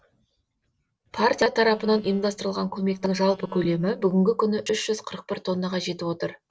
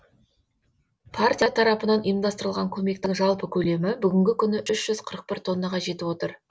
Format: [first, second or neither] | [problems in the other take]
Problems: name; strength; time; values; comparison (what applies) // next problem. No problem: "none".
second | noise reduction (neural separator model SepFormer DNS4)